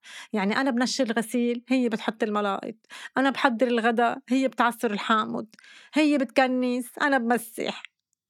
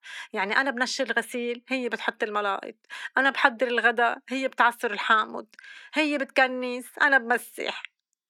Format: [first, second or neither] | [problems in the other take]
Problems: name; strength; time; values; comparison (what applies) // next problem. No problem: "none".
first | thin; somewhat; fading below 400 Hz